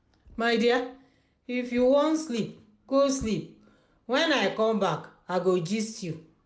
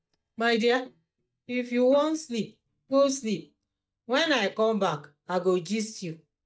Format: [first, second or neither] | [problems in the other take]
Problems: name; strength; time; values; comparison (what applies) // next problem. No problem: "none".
first | noise reduction (neural mask model DeepFilterNet 3)